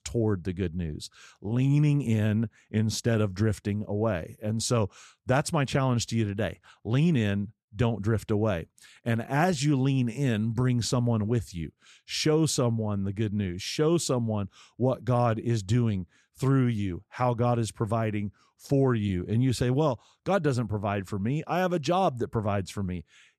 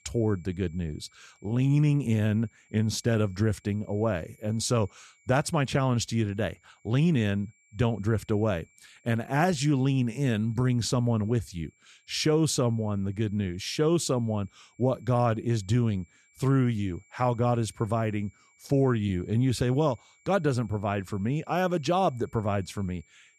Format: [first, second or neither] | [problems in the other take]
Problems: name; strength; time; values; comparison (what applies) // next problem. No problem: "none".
first | high-pitched whine; faint; throughout; 2.5 kHz, 35 dB below the speech